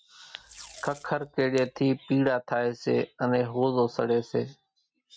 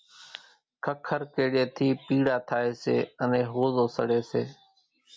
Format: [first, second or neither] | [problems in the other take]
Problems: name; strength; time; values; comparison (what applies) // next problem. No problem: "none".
second | noise reduction (neural mask model RNNoise)